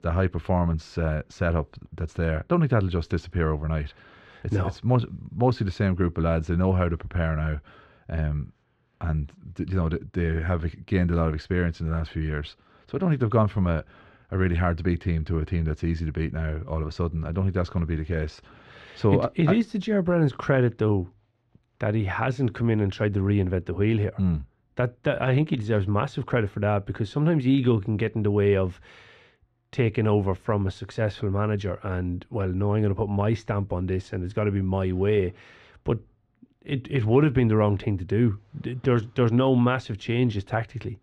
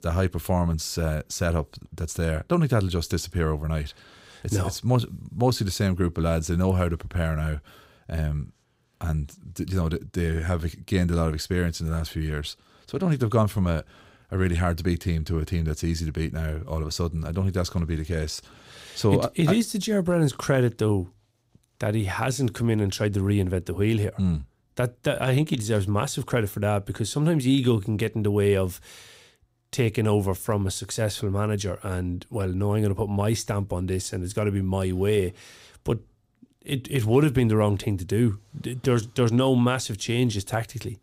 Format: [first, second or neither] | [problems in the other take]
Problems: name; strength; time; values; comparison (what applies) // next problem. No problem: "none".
second | muffled; slightly; fading above 2 kHz